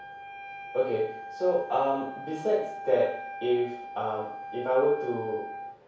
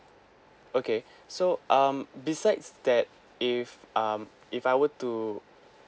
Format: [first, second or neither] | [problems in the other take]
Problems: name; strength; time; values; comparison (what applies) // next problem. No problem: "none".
second | background sound (Wind instrument, woodwind instrument); 11 dB below the speech // room echo; dies away in 0.6 s